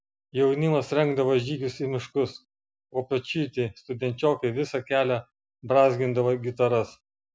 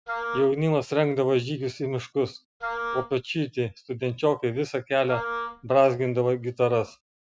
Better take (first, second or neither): first